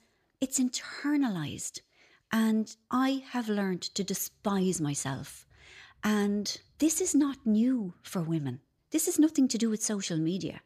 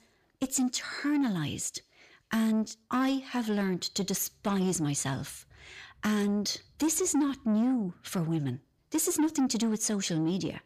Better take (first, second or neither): first